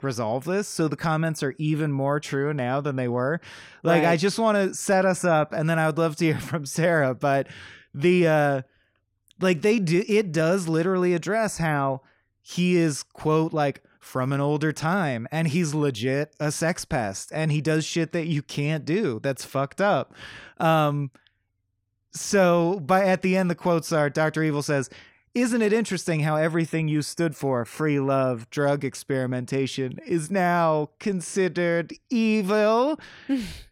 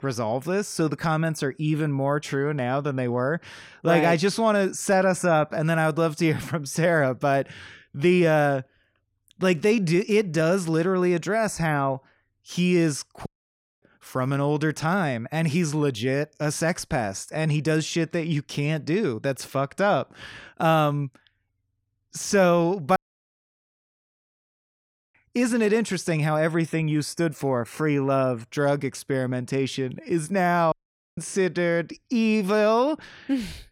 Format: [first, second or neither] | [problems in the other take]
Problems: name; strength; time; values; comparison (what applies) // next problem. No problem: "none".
first | audio cutting out; at 13 s for 0.5 s, at 23 s for 2 s and at 31 s